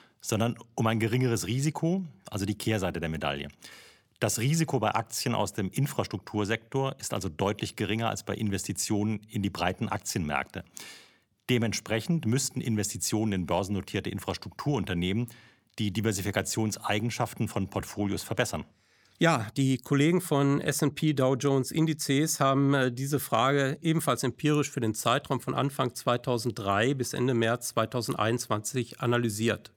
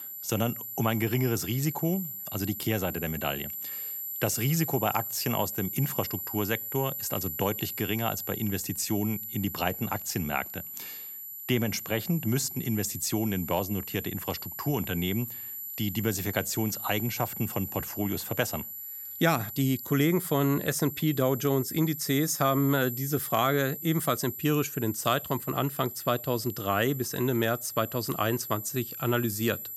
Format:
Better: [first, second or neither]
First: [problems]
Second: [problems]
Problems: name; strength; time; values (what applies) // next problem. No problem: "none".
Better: first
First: none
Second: high-pitched whine; loud; throughout; 12 kHz, 6 dB below the speech